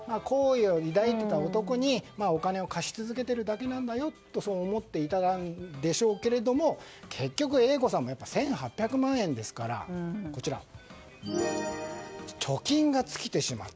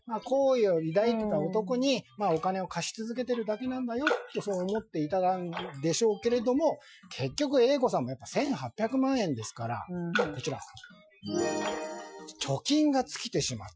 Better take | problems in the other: first | noise reduction (classical method Wiener filter)

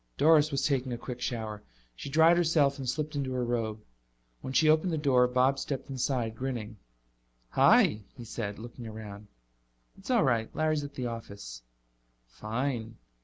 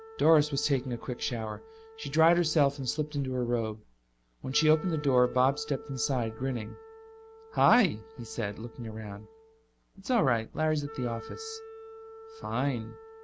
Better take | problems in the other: first | background sound (Wind instrument, woodwind instrument); 18 dB below the speech

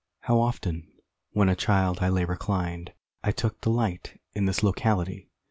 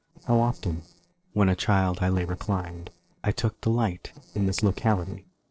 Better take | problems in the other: first | noise reduction (neural separator model SepFormer DNS4)

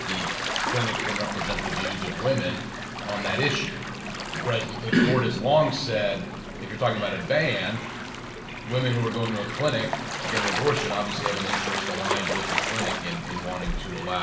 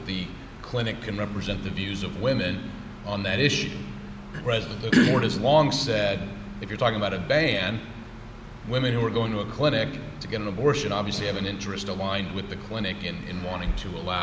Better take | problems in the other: second | background sound (Gull, seagull / Waves, surf); 4 dB below the speech // room echo; dies away in 0.3 s

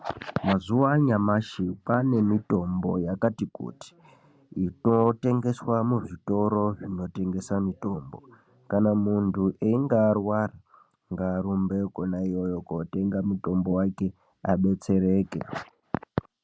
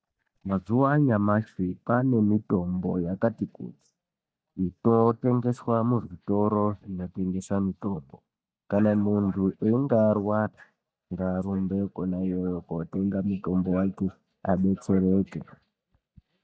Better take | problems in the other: first | noise reduction (neural mask model DeepFilterNet 3)

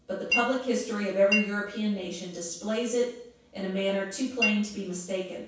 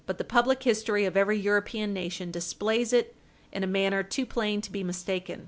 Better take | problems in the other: second | background sound (Chink, clink); 4 dB below the speech // room echo; dies away in 0.7 s

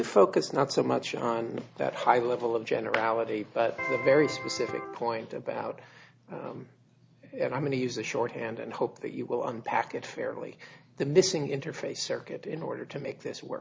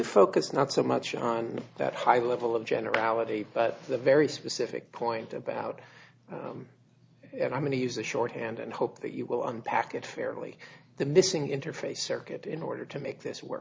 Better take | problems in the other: second | background sound (Electric guitar); 6 dB below the speech

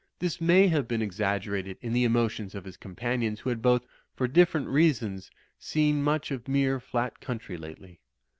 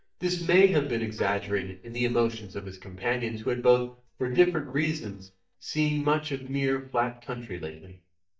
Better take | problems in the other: first | noise reduction (neural mask model DeepFilterNet 3)

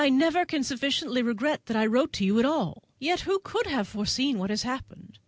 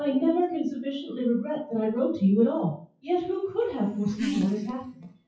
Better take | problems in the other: first | noise reduction (classical method WPE with log-MMSE)

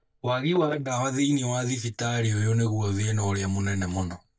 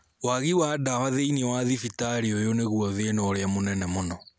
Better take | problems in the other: second | noise reduction (neural mask model DeepFilterNet 3)

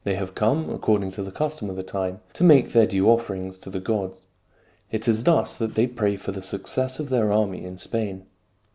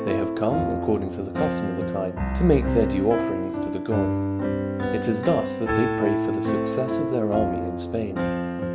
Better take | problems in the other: first | background sound (Piano); 1 dB above the speech

